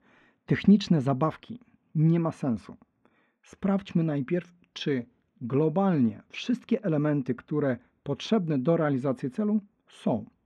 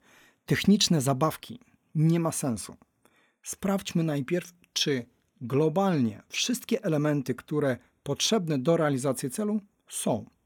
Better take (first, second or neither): second